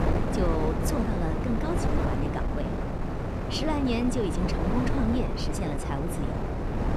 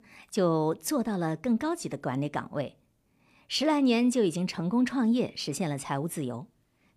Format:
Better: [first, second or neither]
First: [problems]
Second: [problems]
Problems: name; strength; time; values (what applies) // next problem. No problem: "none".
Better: second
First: wind noise on the microphone; heavy; as loud as the speech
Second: none